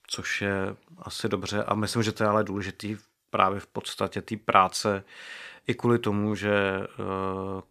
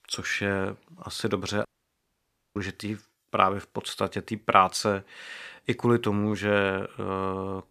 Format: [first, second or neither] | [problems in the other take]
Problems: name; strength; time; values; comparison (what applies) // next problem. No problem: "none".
first | audio cutting out; at 1.5 s for 1 s